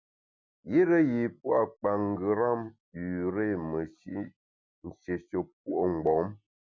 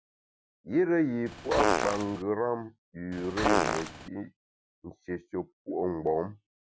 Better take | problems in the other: first | background sound (Fart); 2 dB above the speech

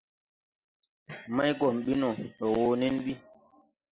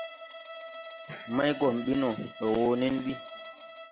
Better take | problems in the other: first | background sound (Bowed string instrument); 13 dB below the speech

